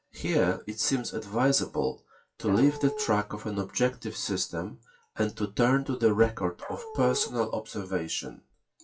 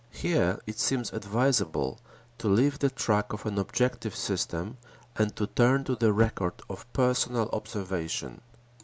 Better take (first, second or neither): second